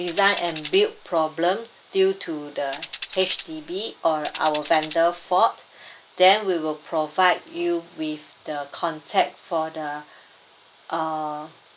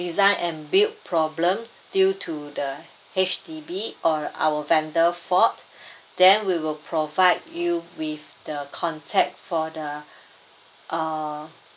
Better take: second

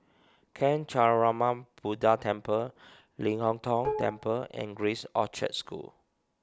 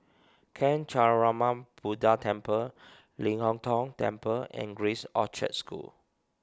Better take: second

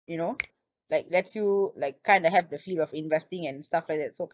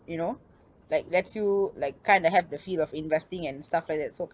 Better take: second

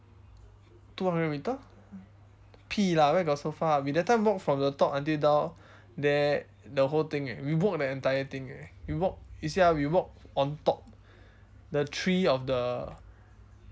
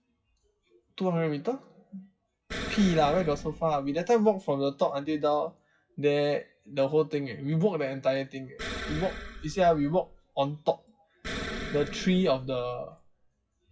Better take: first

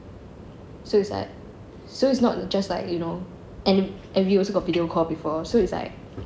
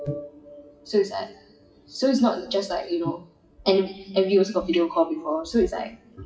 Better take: first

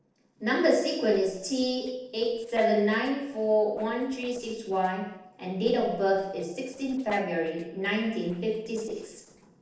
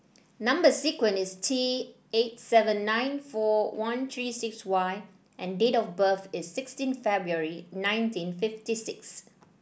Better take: second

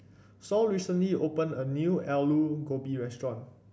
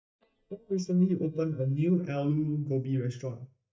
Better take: first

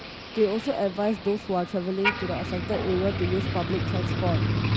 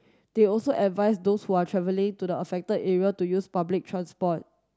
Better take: second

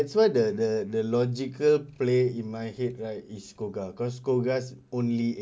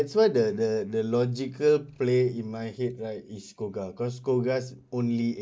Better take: first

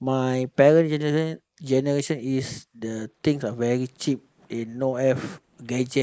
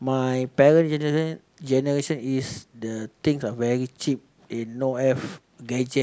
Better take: second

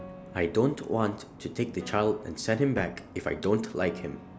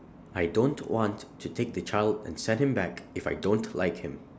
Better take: second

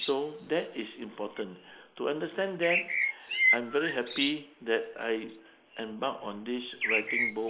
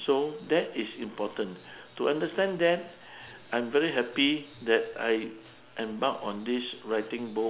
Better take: second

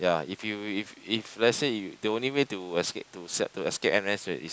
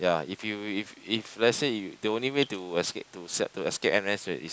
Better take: first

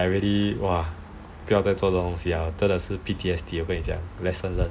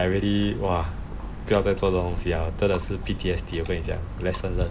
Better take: first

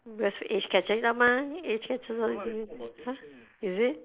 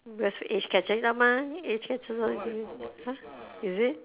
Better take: second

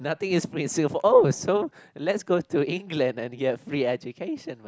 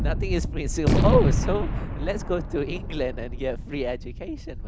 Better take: first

